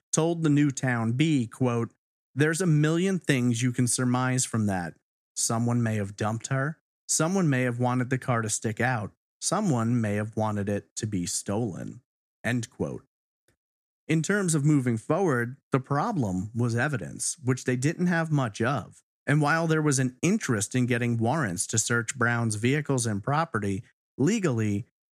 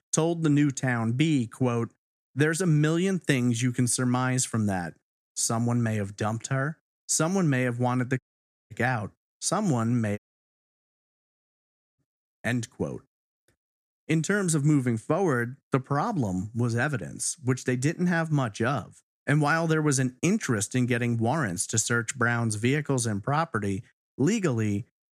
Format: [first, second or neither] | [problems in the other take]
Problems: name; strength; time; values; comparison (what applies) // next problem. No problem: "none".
first | audio cutting out; at 8 s for 0.5 s and at 10 s for 2 s